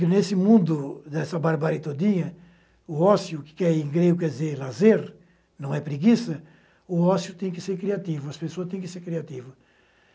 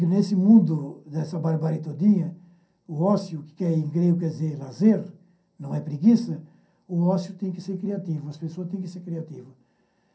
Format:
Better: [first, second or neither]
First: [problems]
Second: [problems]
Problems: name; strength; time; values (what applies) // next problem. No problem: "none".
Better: first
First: none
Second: room echo; dies away in 0.3 s